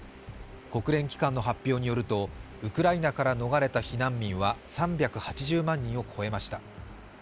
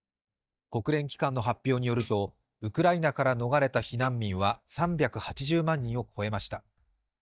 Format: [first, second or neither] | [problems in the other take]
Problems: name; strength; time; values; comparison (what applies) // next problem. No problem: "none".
first | noise reduction (neural mask model DeepFilterNet 3)